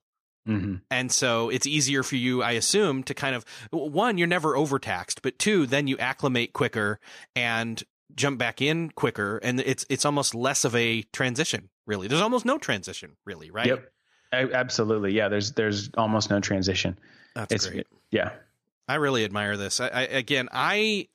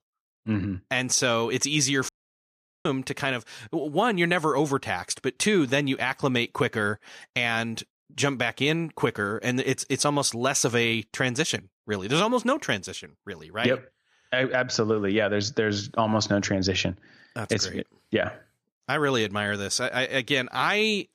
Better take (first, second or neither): first